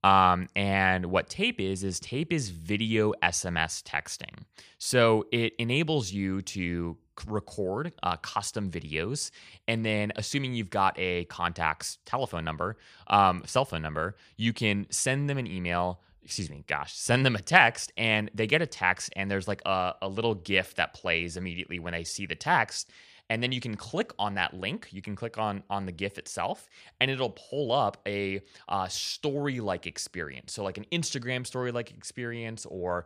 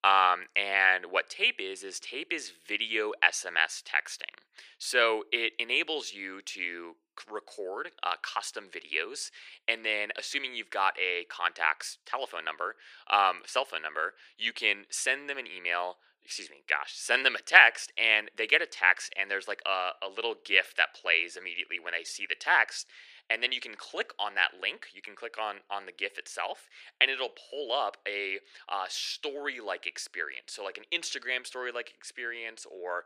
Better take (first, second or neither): first